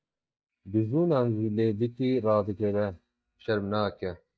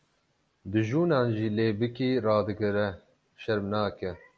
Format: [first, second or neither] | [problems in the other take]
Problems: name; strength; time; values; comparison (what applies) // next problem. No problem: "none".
second | noise reduction (neural mask model DeepFilterNet 3)